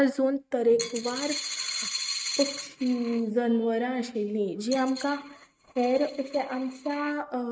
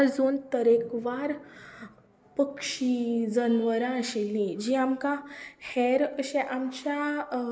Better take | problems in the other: second | noise reduction (neural mask model RNNoise)

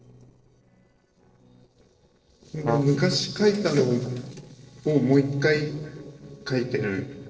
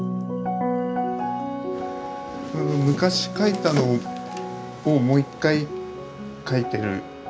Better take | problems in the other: second | noise reduction (neural separator model SepFormer DNS4)

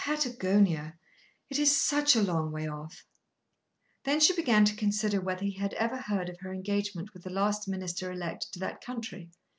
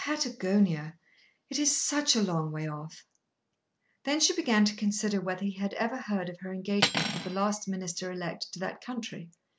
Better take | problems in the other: first | background sound (Cutlery, silverware); 4 dB below the speech

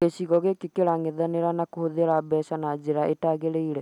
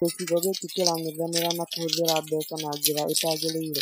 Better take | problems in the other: first | noise reduction (classical method Wiener filter)

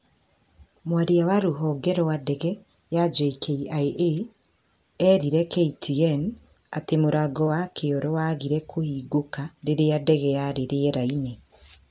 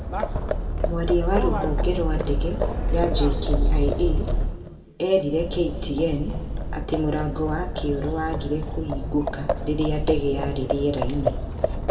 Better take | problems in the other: first | background sound (Livestock, farm animals, working animals); 1 dB above the speech // room echo; dies away in 1.9 s

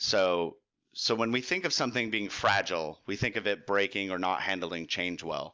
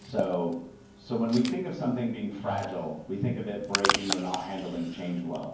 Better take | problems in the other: first | background sound (Packing tape, duct tape / Tearing); 5 dB below the speech // room echo; dies away in 0.9 s

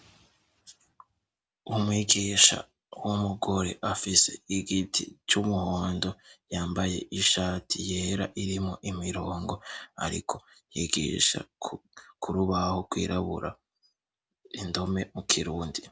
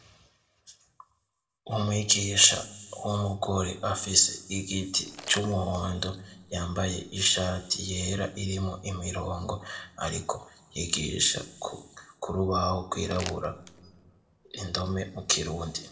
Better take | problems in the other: first | background sound (Crumpling, crinkling); 16 dB below the speech // room echo; dies away in 1.2 s

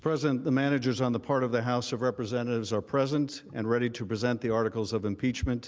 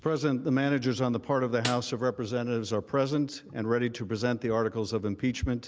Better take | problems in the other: first | background sound (Snare drum); 11 dB below the speech

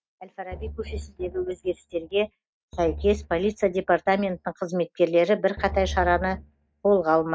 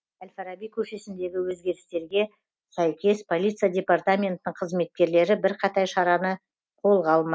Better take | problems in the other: second | noise reduction (neural mask model RNNoise)

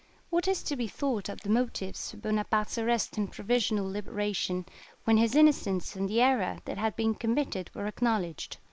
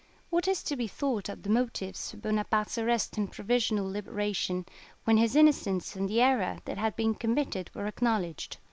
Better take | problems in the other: second | noise reduction (neural mask model Resemble Enhance denoiser)

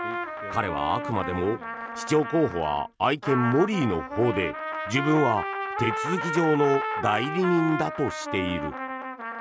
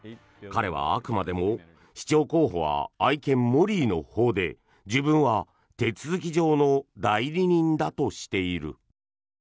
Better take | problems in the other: second | background sound (Trumpet); 6 dB below the speech

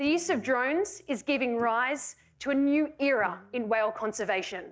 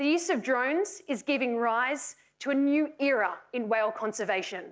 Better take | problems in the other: second | noise reduction (neural mask model DeepFilterNet 3)

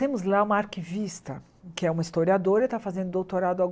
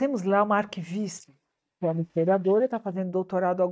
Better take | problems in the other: first | noise reduction (neural mask model DeepFilterNet 3)

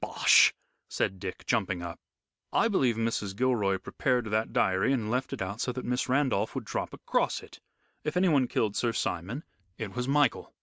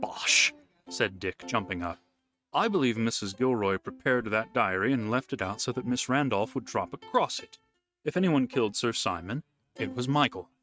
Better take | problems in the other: first | noise reduction (neural mask model RNNoise)

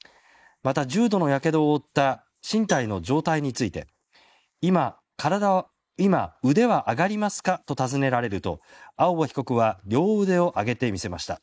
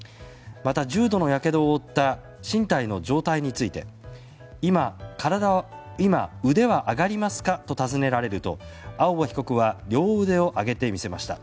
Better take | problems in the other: second | noise reduction (neural mask model Resemble Enhance denoiser)

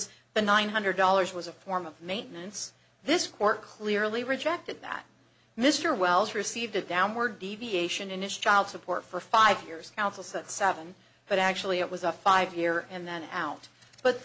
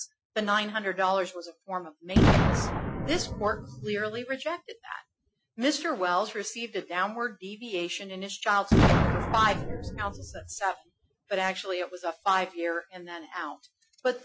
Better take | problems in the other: first | noise reduction (classical method Wiener filter)

